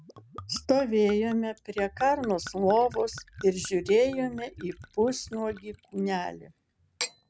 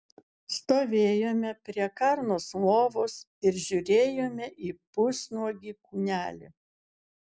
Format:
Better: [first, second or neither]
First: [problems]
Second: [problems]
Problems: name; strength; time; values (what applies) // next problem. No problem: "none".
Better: second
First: background sound (Gurgling / Chink, clink / Liquid); 17 dB below the speech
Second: none